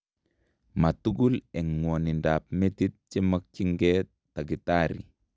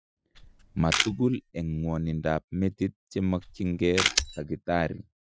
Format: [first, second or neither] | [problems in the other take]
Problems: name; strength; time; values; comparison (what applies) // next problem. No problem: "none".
first | noise reduction (classical method Wiener filter)